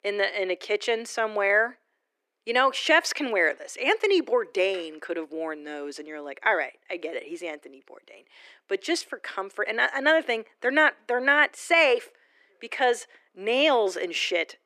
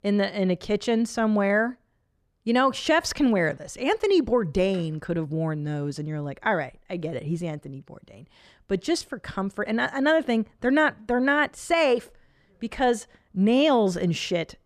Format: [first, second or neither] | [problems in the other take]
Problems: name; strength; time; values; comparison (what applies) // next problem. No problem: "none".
second | thin; very; fading below 300 Hz